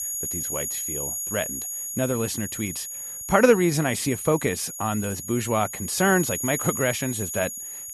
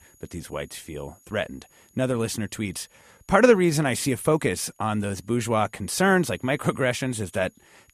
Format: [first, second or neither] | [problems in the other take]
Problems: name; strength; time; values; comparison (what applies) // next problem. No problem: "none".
second | high-pitched whine; loud; throughout; 6.5 kHz, 5 dB below the speech; faint in the second